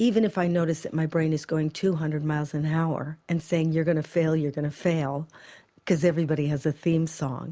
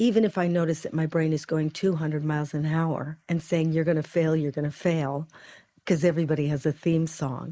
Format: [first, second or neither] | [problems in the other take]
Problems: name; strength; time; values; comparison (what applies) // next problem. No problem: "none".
first | noise reduction (neural mask model Resemble Enhance denoiser)